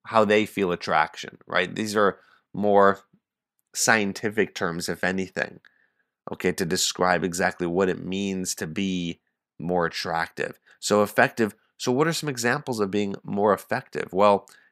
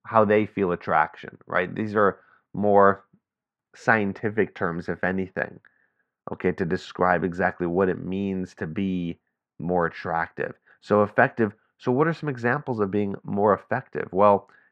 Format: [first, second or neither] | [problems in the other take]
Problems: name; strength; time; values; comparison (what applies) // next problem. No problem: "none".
first | muffled; very; fading above 1.5 kHz